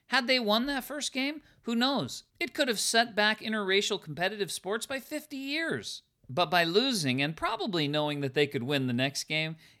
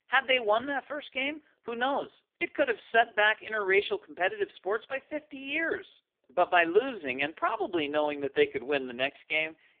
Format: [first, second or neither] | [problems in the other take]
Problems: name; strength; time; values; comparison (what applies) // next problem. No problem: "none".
first | phone-call audio; poor line